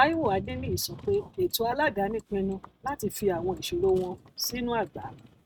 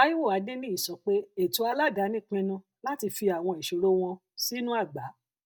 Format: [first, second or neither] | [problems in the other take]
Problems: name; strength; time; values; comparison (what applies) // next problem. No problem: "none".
second | noise reduction (neural mask model RNNoise)